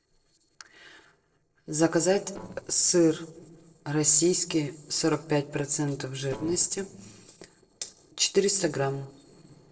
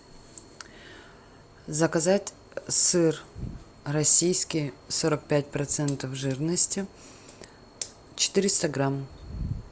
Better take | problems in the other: second | noise reduction (neural separator model SepFormer DNS4)

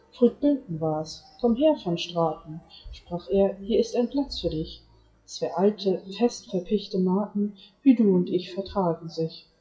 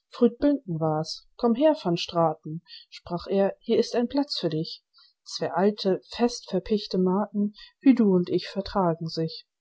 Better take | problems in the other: second | noise reduction (classical method WPE with log-MMSE)

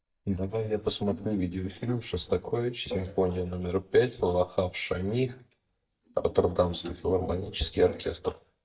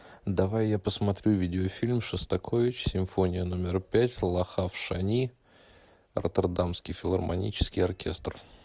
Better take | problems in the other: second | noise reduction (neural mask model DeepFilterNet 3)

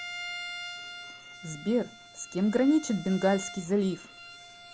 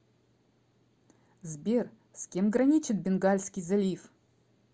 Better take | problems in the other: second | background sound (Bowed string instrument); 13 dB below the speech

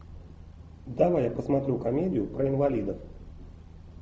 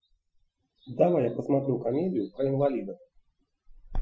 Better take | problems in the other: first | noise reduction (classical method Wiener filter)

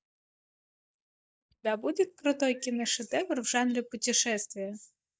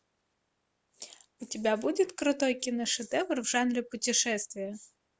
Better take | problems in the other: second | noise reduction (neural mask model DeepFilterNet 3)

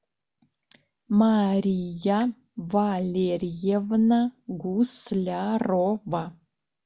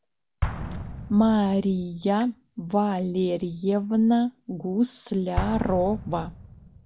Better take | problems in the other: first | background sound (Explosion); 11 dB below the speech

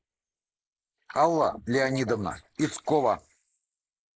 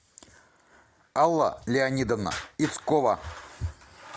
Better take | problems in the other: second | noise reduction (neural mask model Resemble Enhance denoiser)

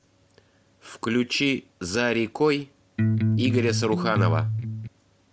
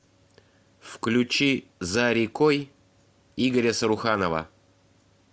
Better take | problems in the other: second | background sound (Electric guitar); 3 dB above the speech

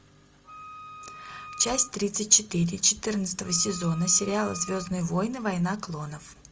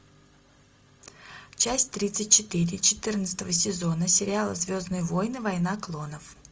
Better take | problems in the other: second | background sound (Wind instrument, woodwind instrument); 17 dB below the speech

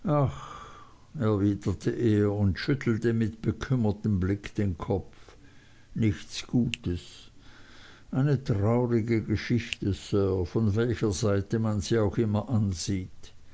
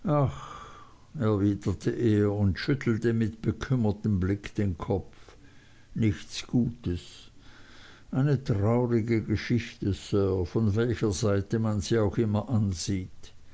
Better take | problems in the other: second | background sound (Finger snapping); 16 dB below the speech

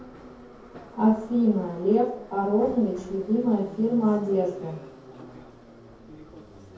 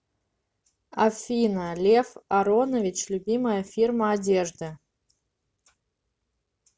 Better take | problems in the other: second | background sound (Subway, metro, underground); 17 dB below the speech // room echo; dies away in 0.6 s

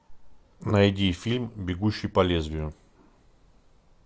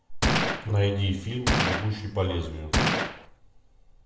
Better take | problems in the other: first | background sound (Gunshot, gunfire); 2 dB above the speech // room echo; dies away in 0.8 s

